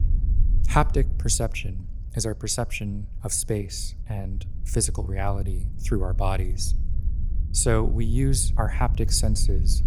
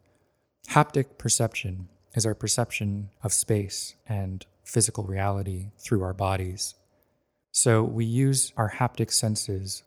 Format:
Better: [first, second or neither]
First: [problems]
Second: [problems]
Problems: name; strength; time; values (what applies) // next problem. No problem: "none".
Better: second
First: low rumble; noticeable; throughout; 20 dB below the speech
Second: none